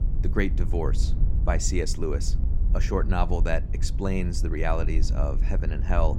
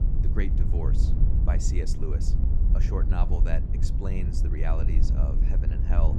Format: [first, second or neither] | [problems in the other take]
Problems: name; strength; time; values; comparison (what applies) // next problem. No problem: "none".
first | wind noise on the microphone; heavy; 3 dB below the speech; occasional gusts in the first